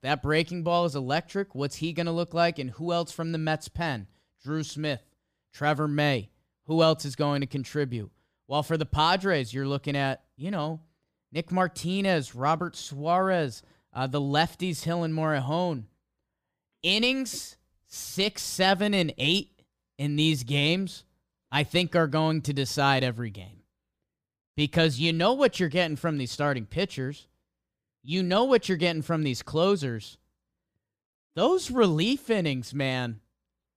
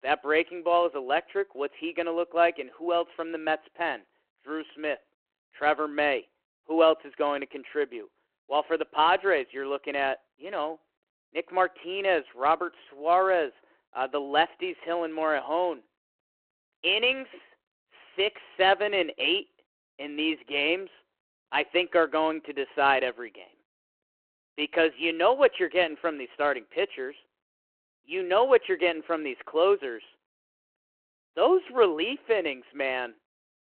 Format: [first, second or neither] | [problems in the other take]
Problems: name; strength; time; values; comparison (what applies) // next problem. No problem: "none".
first | phone-call audio